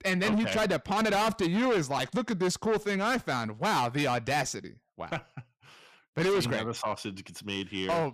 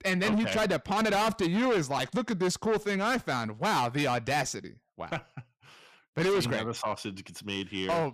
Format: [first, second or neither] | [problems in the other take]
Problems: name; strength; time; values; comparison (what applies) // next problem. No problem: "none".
neither | distortion; heavy; 6 dB below the speech; the same in both